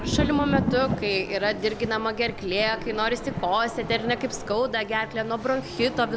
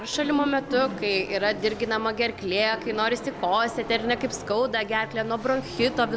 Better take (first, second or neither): second